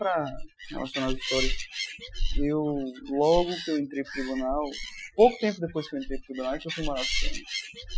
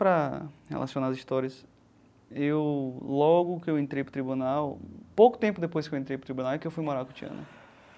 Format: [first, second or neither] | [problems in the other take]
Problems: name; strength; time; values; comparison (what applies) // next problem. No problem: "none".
second | noise reduction (classical method Wiener filter)